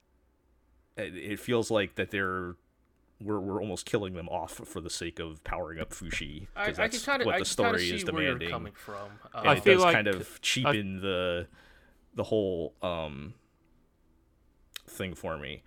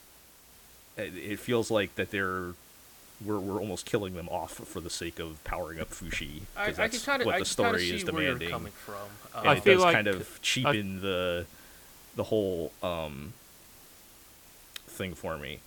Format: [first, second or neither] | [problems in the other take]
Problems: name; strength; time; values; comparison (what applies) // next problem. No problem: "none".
first | hiss; faint; throughout; 20 dB below the speech